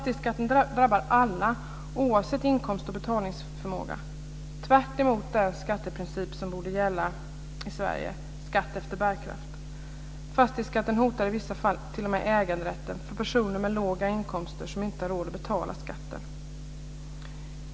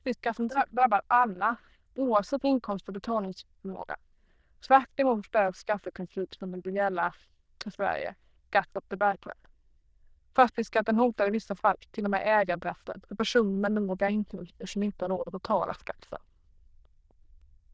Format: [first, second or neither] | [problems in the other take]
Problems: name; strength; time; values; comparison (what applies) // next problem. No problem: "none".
first | noise reduction (neural diffusion model UNIVERSE++)